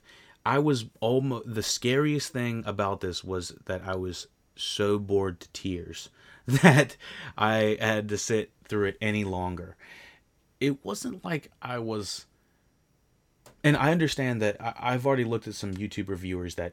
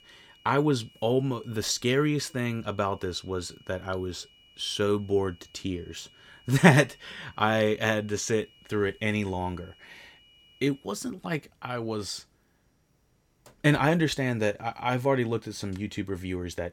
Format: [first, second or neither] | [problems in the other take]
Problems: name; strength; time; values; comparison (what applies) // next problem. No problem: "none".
first | high-pitched whine; faint; until 11 s; 3 kHz, 30 dB below the speech